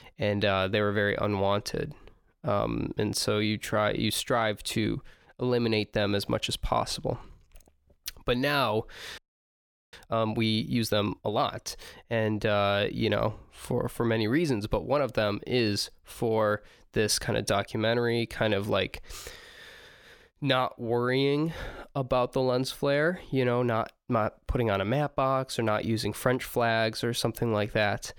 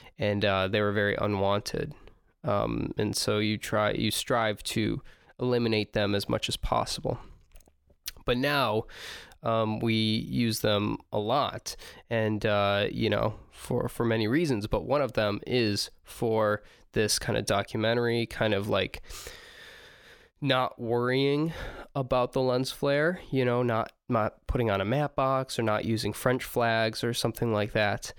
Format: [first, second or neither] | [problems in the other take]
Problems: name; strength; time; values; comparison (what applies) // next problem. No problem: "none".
second | audio freezing; at 9 s for 1 s